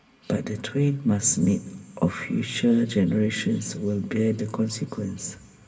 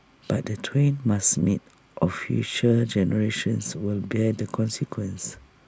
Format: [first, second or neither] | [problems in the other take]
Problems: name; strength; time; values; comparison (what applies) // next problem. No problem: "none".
second | room echo; dies away in 1.6 s